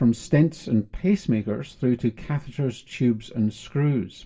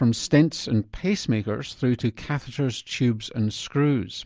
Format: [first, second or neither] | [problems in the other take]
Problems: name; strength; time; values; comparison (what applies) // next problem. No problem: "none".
second | room echo; dies away in 0.2 s